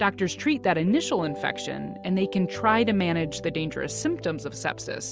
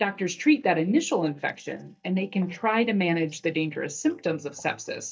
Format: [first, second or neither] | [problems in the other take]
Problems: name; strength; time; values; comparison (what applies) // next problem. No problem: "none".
first | noise reduction (neural mask model DeepFilterNet 3)